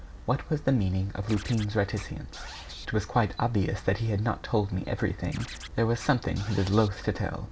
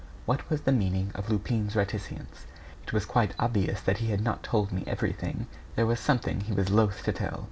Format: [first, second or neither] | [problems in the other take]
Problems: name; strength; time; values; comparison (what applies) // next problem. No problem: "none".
second | background sound (Scratching (performance technique)); 19 dB below the speech